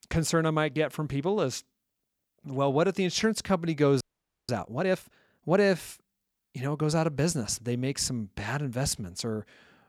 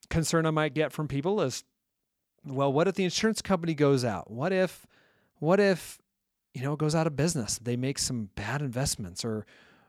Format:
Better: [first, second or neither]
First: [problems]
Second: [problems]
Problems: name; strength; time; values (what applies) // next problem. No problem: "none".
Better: second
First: audio freezing; at 4 s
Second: none